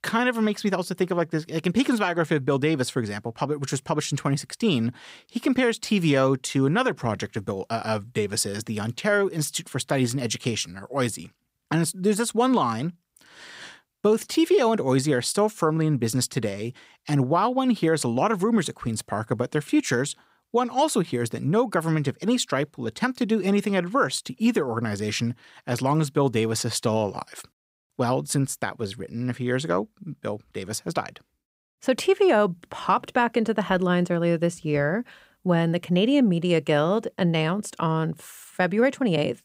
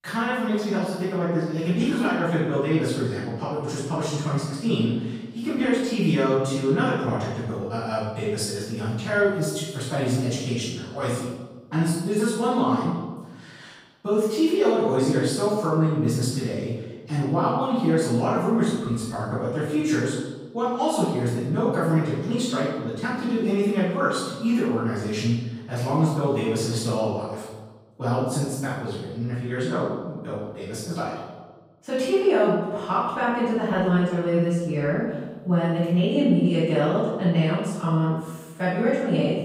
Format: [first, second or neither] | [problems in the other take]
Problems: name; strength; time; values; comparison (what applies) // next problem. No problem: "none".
first | off-mic speech; far // room echo; strong; dies away in 1.1 s